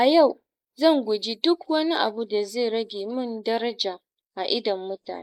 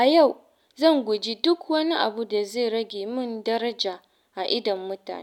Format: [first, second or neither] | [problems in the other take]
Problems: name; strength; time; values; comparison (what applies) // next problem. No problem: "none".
second | noise reduction (neural mask model Resemble Enhance denoiser)